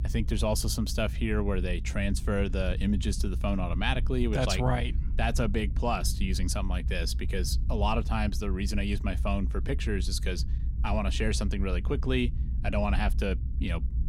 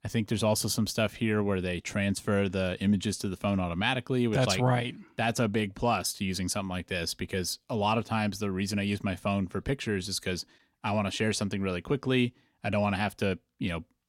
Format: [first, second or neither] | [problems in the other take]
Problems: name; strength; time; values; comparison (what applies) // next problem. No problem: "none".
second | low rumble; noticeable; throughout; 15 dB below the speech